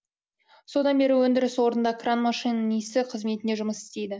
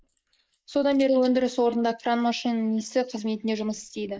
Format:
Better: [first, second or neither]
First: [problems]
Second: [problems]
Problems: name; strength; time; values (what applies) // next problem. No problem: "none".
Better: first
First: none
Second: noise reduction (neural mask model Resemble Enhance denoiser)